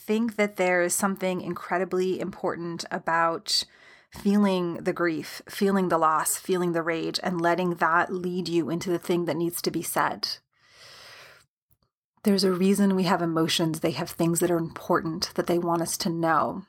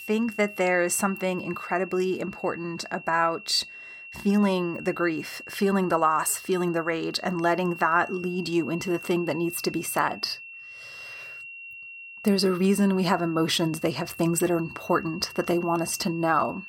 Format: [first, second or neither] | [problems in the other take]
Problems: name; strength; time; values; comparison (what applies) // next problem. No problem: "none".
first | high-pitched whine; noticeable; throughout; 2.5 kHz, 15 dB below the speech